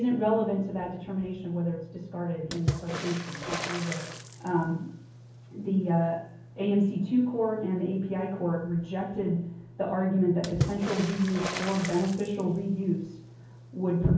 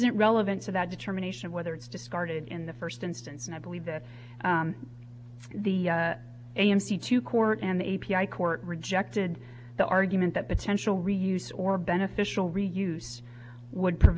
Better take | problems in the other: second | background sound (Water / Splash, splatter); 11 dB below the speech // room echo; dies away in 0.7 s

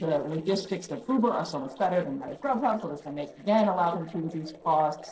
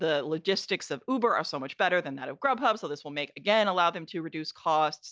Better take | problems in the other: second | noise reduction (neural separator model SepFormer DNS4)

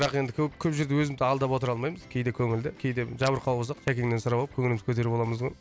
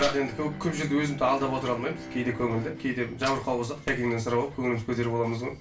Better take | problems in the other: first | background sound (Bowed string instrument); 15 dB below the speech // room echo; dies away in 0.3 s

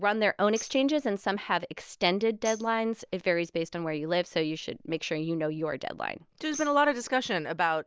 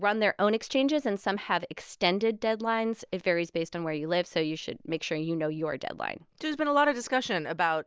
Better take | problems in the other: second | background sound (Tambourine); 19 dB below the speech

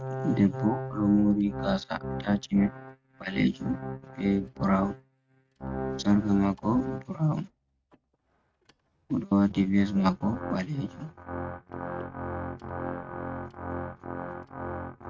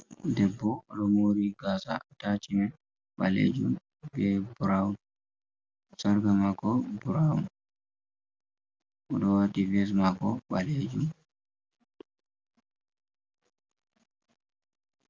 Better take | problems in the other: second | noise reduction (neural mask model RNNoise)

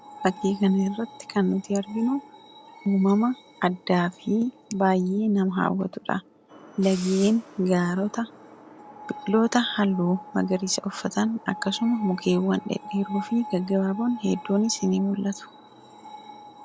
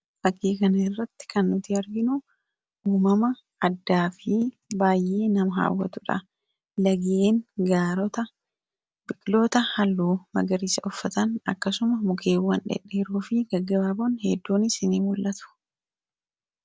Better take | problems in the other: second | background sound (Screech); 18 dB below the speech

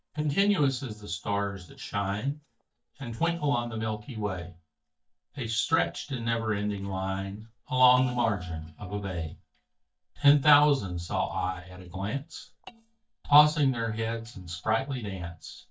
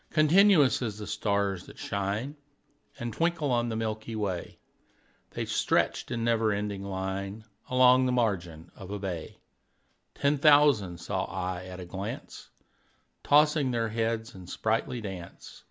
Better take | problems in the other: second | noise reduction (neural mask model DeepFilterNet 3)

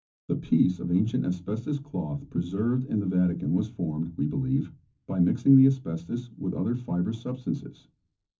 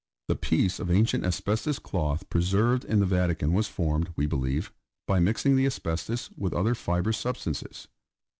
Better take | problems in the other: second | room echo; dies away in 0.3 s

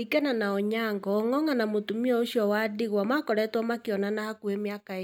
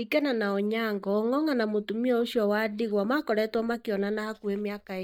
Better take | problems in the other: first | noise reduction (neural mask model DeepFilterNet 3)

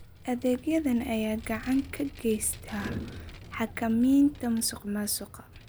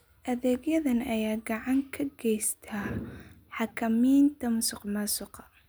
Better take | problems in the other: second | background sound (Vehicle); 17 dB below the speech

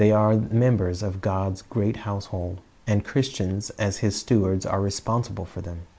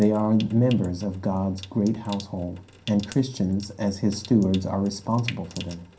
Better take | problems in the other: first | background sound (Trickle, dribble / Sink (filling or washing) / Water tap, faucet); 20 dB below the speech // room echo; dies away in 0.3 s

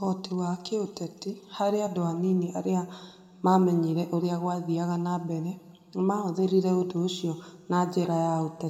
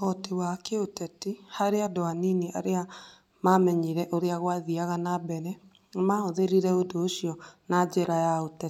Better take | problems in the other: second | room echo; dies away in 1.4 s

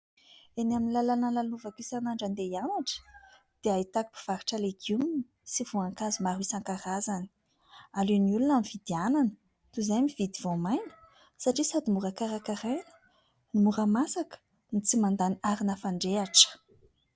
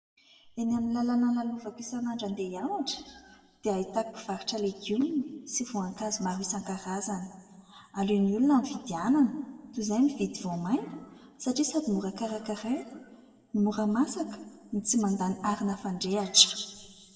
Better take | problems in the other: first | room echo; dies away in 1.2 s

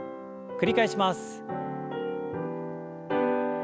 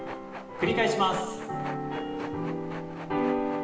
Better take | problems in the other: first | background sound (Train); 12 dB below the speech // room echo; dies away in 1 s

